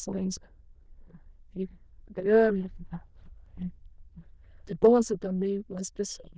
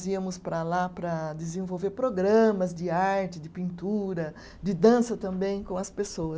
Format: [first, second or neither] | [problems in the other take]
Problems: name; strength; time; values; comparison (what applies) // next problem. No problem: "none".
second | noise reduction (neural diffusion model UNIVERSE++)